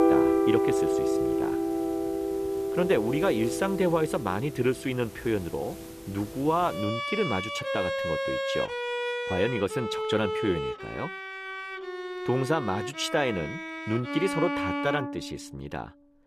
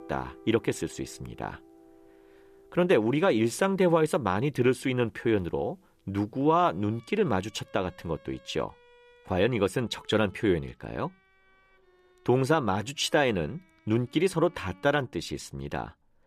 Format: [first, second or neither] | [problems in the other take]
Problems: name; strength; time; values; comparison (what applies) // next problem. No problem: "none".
second | background music; loud; throughout; as loud as the speech; faint in the second